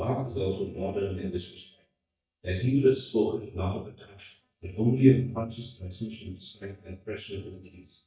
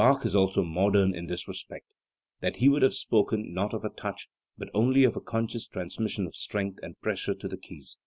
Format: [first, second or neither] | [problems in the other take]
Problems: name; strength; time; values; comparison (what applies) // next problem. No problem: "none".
second | noise reduction (neural mask model DeepFilterNet 3)